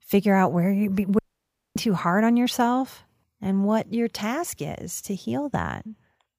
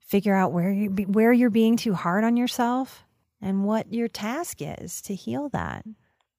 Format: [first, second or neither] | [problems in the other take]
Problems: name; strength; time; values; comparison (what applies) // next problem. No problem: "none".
second | audio cutting out; at 1 s for 0.5 s